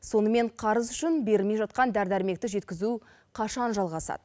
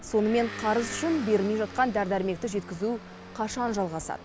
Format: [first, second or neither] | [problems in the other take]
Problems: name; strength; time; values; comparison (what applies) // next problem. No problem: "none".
first | background sound (Motor vehicle (road) / Engine); 13 dB below the speech